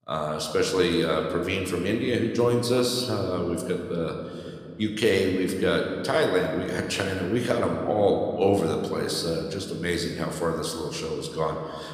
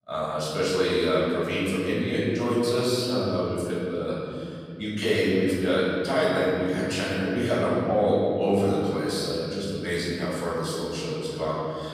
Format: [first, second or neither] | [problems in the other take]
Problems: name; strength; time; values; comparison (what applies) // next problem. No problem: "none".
first | room echo; strong; dies away in 2.4 s; slight in the first // off-mic speech; far